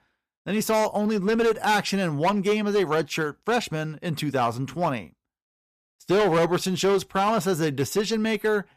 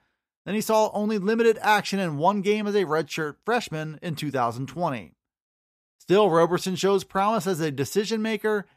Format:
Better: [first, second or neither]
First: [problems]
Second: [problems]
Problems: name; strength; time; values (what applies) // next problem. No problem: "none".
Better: second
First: distortion; slight; 9% of the sound clipped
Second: none